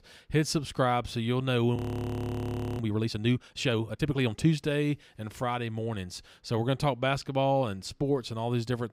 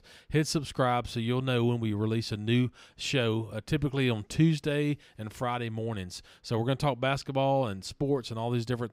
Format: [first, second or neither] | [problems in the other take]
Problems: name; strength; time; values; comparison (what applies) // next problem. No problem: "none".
second | audio freezing; at 2 s for 1 s